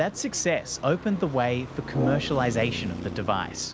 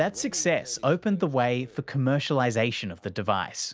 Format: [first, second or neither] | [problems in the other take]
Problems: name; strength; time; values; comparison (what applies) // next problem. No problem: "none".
second | background sound (Traffic noise, roadway noise + Brass instrument); 8 dB below the speech